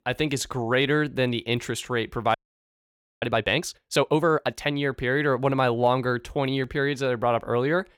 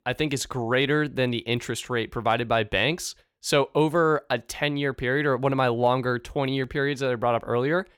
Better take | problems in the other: second | audio freezing; at 2.5 s for 1 s

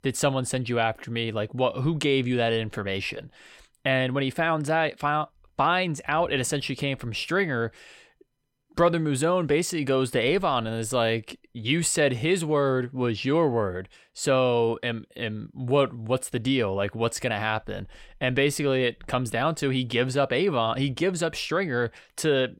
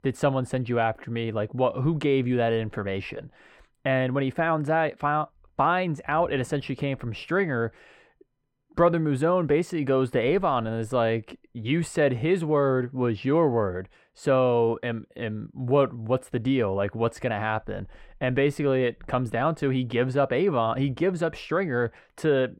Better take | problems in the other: first | muffled; slightly; fading above 2.5 kHz

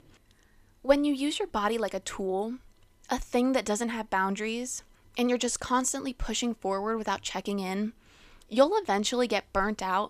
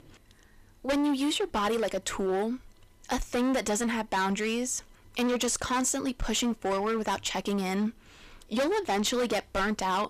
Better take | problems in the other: first | distortion; heavy; 16% of the sound clipped

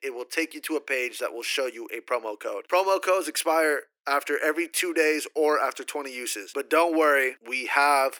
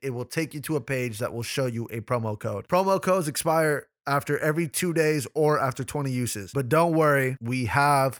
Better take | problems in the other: second | thin; very; fading below 300 Hz

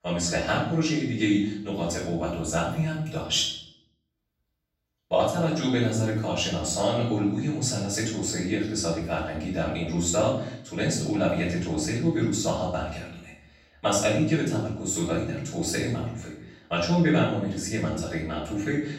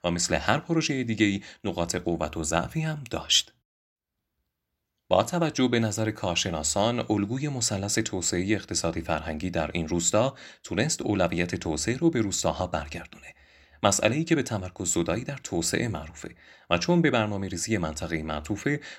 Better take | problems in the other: second | off-mic speech; far // room echo; noticeable; dies away in 0.7 s

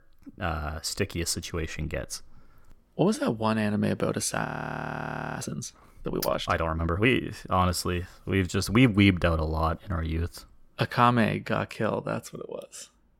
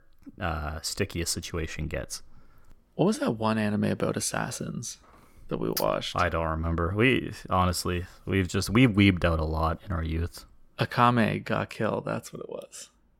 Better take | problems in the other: second | audio freezing; at 4.5 s for 1 s

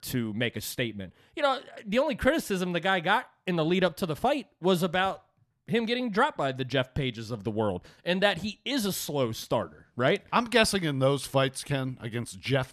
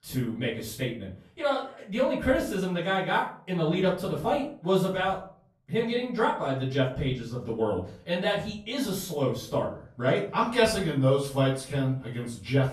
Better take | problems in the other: first | off-mic speech; far // room echo; noticeable; dies away in 0.4 s

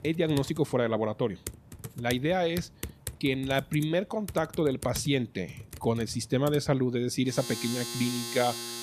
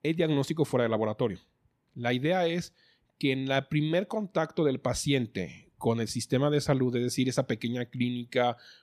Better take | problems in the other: second | household noises; noticeable; throughout; 10 dB below the speech

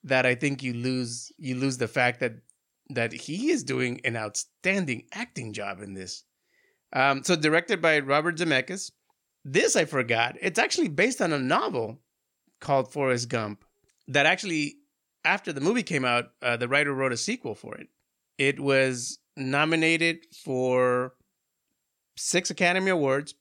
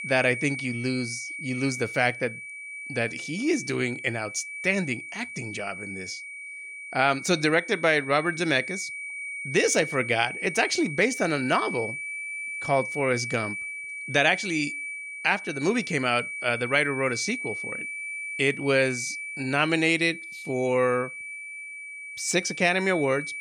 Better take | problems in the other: first | high-pitched whine; loud; throughout; 2.5 kHz, 8 dB below the speech

